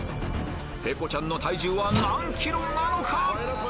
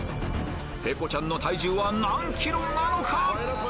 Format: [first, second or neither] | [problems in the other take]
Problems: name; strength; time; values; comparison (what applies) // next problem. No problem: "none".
second | background sound (Slam / Tools); 7 dB below the speech